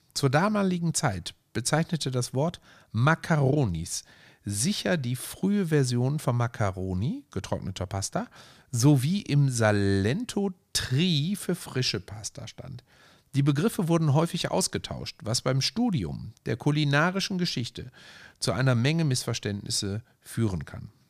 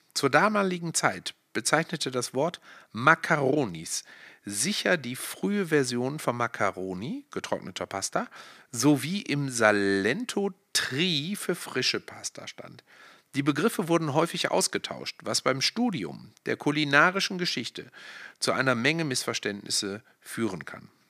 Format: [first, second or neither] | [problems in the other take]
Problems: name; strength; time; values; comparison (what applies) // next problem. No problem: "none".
first | thin; somewhat; fading below 300 Hz